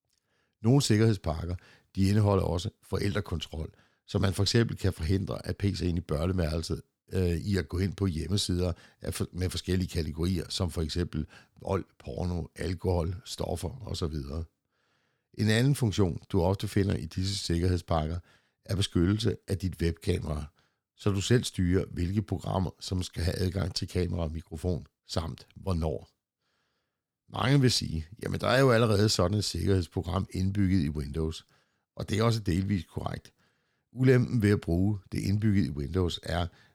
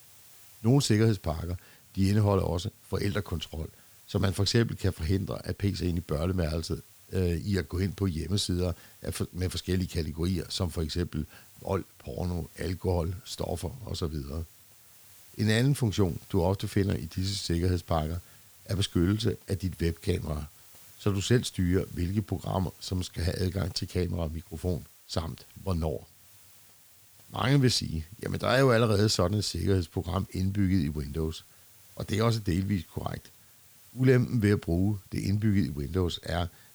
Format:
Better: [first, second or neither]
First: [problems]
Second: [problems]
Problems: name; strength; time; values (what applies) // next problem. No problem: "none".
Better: first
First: none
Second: hiss; faint; throughout; 25 dB below the speech